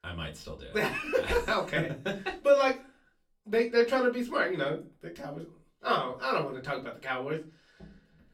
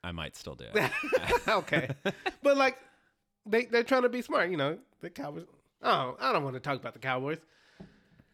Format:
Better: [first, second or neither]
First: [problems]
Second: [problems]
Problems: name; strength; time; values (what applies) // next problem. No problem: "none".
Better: second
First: off-mic speech; far // room echo; very slight; dies away in 0.2 s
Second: none